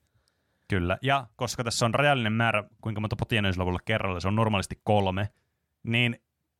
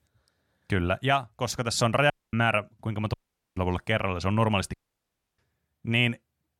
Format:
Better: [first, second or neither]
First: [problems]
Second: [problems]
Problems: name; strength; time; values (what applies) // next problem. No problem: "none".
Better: first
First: none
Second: audio cutting out; at 2 s, at 3 s and at 4.5 s for 0.5 s